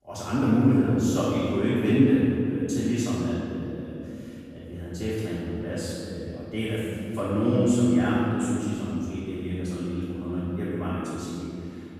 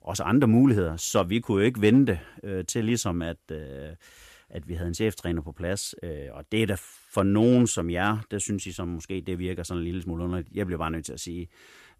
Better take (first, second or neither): second